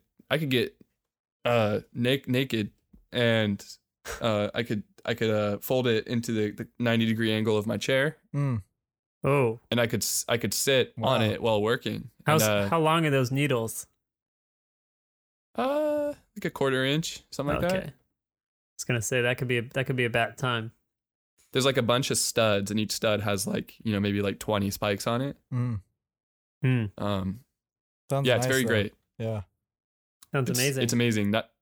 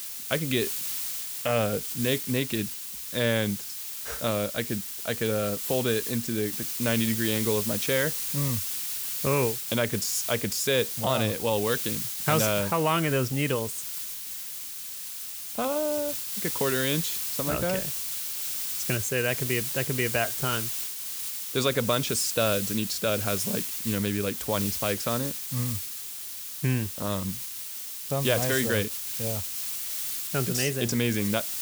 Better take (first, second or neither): first